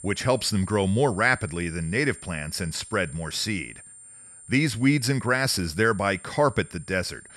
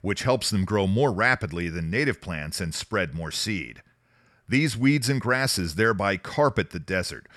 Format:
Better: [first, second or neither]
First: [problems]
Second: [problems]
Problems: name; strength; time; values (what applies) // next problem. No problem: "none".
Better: second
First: high-pitched whine; noticeable; throughout; 9 kHz, 15 dB below the speech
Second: none